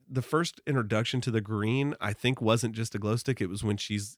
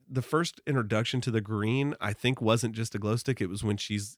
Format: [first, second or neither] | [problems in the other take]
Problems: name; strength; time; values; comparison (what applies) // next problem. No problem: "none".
neither | none